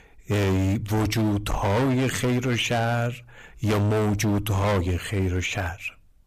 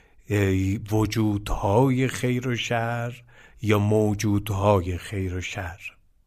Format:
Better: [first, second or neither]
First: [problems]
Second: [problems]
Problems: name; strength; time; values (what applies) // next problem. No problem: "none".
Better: second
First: distortion; heavy; 23% of the sound clipped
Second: none